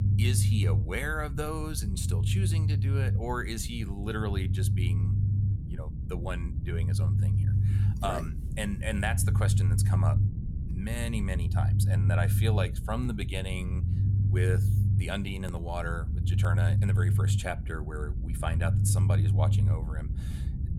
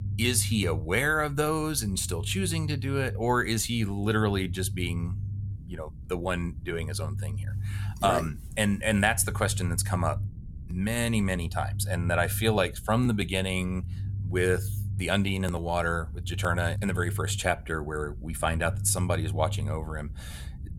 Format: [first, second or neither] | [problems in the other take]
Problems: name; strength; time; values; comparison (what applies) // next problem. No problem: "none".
second | low rumble; loud; throughout; 6 dB below the speech; faint in the second